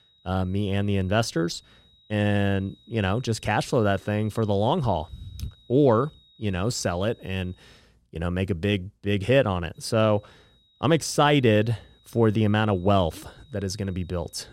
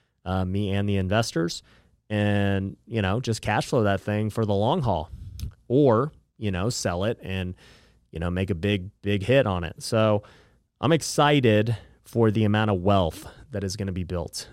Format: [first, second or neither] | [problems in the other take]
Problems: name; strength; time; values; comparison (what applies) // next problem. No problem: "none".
second | high-pitched whine; faint; until 8 s and from 10 s on; 4 kHz, 30 dB below the speech